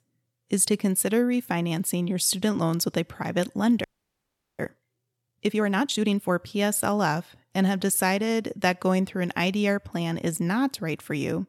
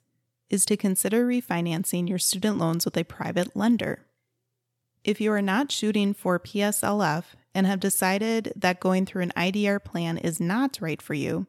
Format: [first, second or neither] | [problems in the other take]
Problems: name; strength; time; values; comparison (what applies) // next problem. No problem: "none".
second | audio freezing; at 4 s for 1 s